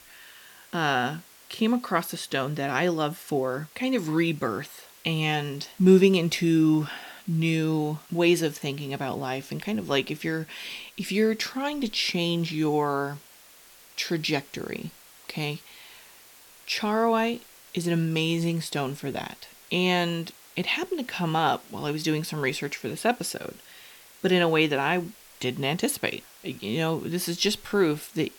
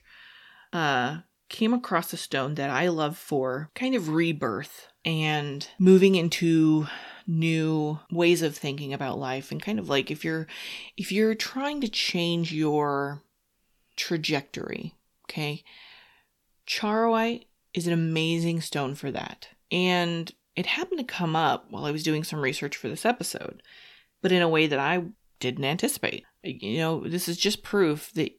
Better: second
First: hiss; faint; throughout; 25 dB below the speech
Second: none

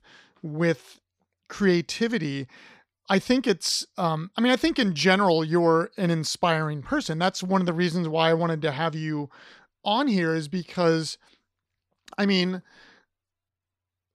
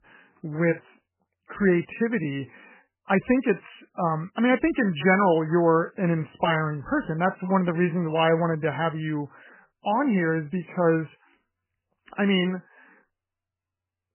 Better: first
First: none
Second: garbled, watery; badly; nothing above 3 kHz

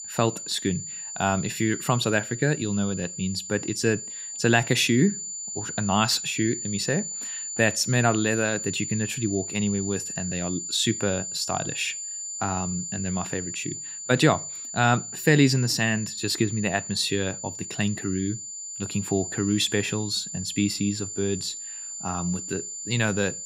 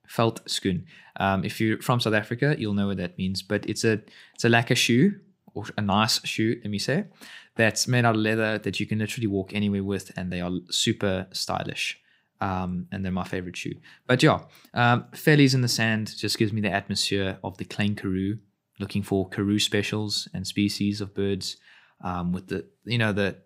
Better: second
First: high-pitched whine; loud; throughout; 7 kHz, 6 dB below the speech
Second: none

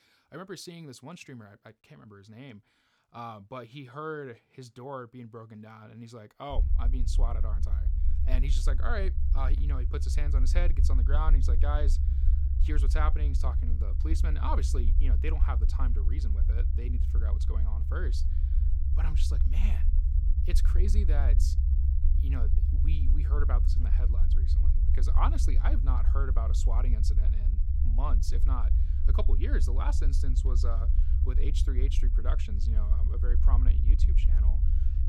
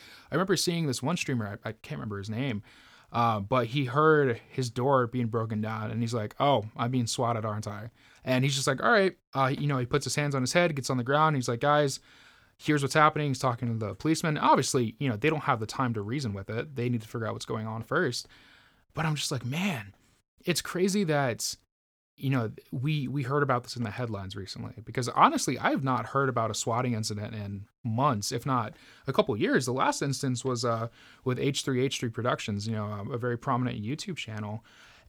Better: second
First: low rumble; loud; from 6.5 s on; 7 dB below the speech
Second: none

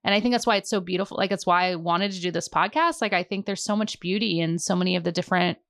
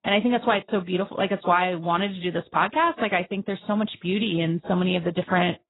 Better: first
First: none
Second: garbled, watery; badly; nothing above 4 kHz

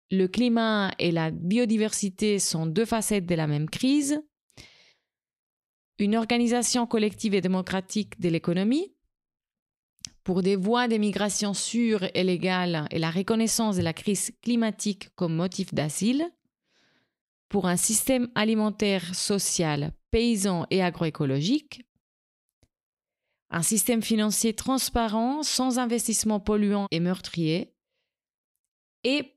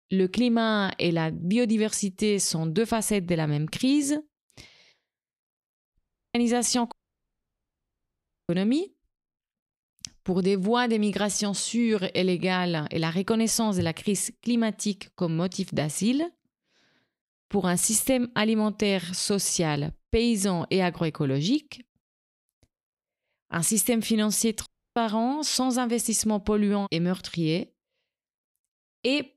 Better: first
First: none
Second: audio cutting out; at 6 s, at 7 s for 1.5 s and at 25 s

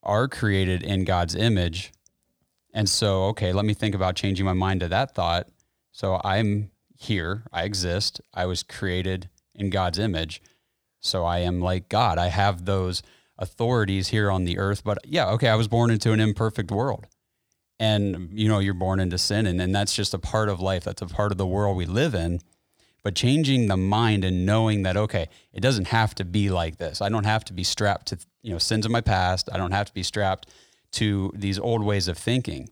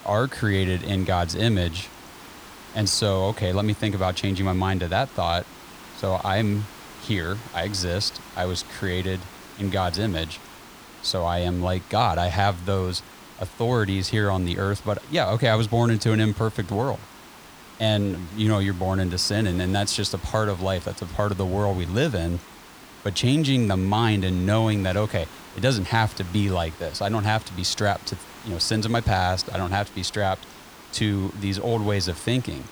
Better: first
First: none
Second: hiss; noticeable; throughout; 20 dB below the speech

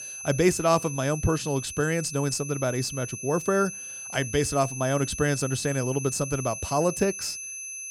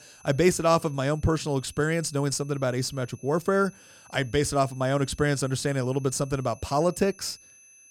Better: second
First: high-pitched whine; loud; throughout; 6 kHz, 8 dB below the speech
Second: high-pitched whine; faint; throughout; 6 kHz, 25 dB below the speech

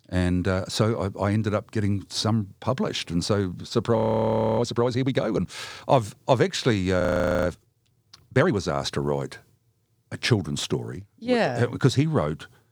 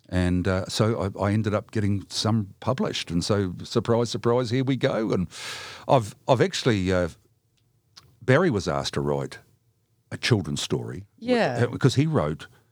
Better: second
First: audio freezing; at 4 s for 0.5 s and at 7 s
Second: none

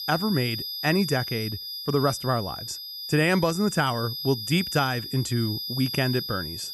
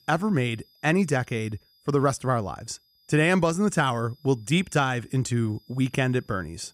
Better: second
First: high-pitched whine; loud; throughout; 5 kHz, 6 dB below the speech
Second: high-pitched whine; faint; throughout; 5 kHz, 35 dB below the speech

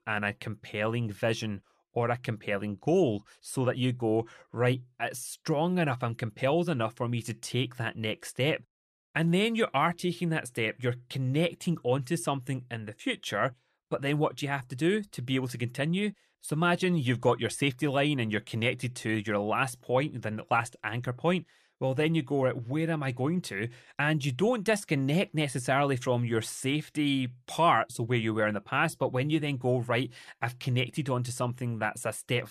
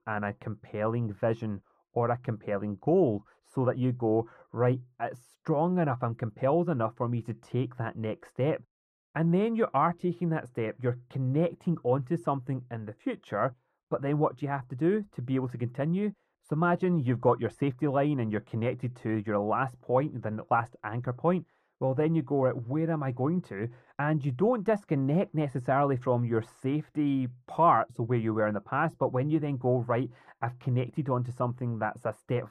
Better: first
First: none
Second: muffled; very; fading above 2 kHz

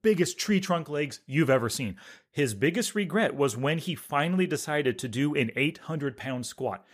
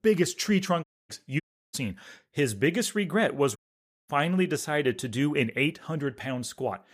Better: first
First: none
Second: audio cutting out; at 1 s, at 1.5 s and at 3.5 s for 0.5 s

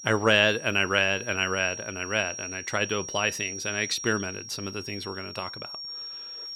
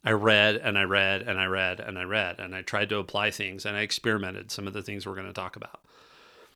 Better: second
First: high-pitched whine; loud; throughout; 5.5 kHz, 10 dB below the speech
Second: none

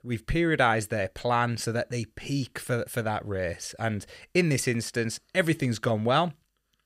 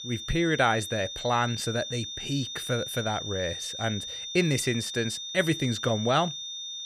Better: first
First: none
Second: high-pitched whine; loud; throughout; 3.5 kHz, 6 dB below the speech

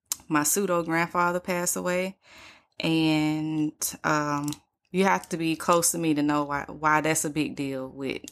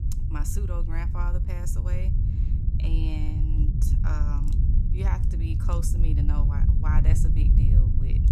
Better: first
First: none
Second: low rumble; loud; throughout; 1 dB below the speech

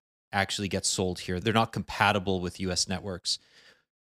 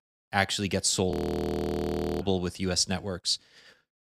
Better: first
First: none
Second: audio freezing; at 1 s for 1 s

